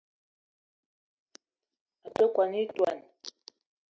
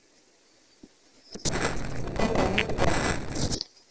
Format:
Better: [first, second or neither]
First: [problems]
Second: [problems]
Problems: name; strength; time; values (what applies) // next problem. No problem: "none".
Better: first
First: none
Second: noise reduction (neural separator model SepFormer DNS4)